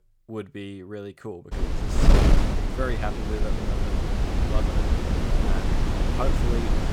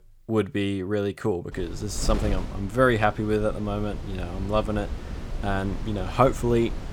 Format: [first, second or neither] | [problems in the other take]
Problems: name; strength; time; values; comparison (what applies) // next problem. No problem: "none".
second | wind noise on the microphone; heavy; from 1.5 s on; 4 dB above the speech; occasional gusts in the second